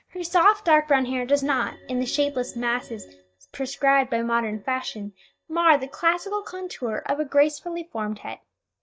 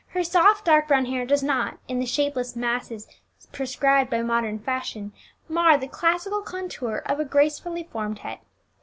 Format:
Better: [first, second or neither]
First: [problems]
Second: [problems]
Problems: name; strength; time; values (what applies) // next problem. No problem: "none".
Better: second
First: noise reduction (neural mask model DeepFilterNet 3)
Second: none